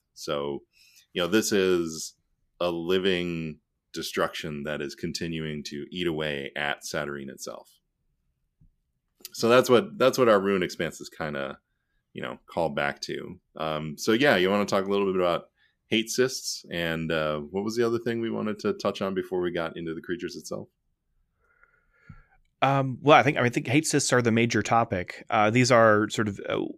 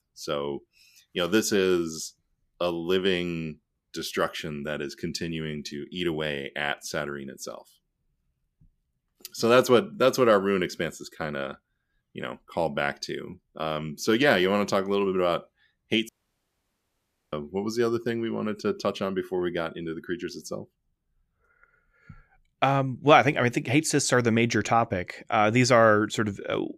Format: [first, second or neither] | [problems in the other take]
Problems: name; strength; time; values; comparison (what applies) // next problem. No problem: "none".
first | audio cutting out; at 16 s for 1 s